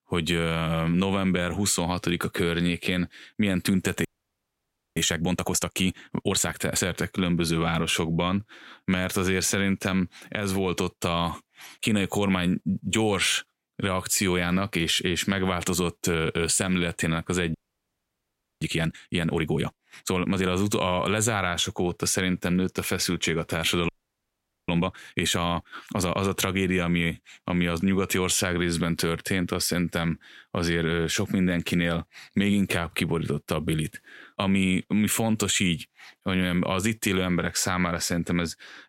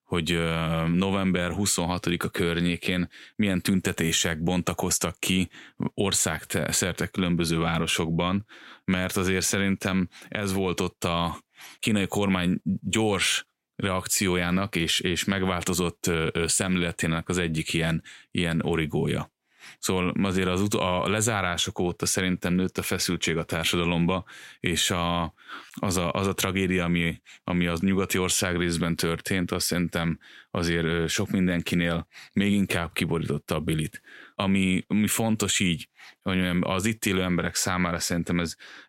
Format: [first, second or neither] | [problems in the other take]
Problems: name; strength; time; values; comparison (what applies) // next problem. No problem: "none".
second | audio freezing; at 4 s for 1 s, at 18 s for 1 s and at 24 s for 1 s